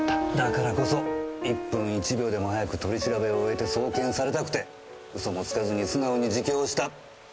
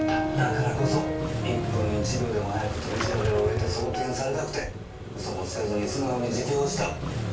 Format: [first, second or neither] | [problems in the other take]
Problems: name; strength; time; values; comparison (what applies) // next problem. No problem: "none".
first | background sound (Engine starting / Motorcycle); 5 dB below the speech // room echo; dies away in 0.3 s